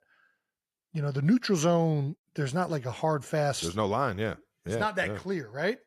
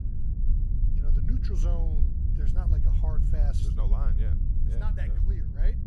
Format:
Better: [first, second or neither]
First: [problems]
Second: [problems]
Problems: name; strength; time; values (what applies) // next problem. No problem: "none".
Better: first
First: none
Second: low rumble; loud; throughout; as loud as the speech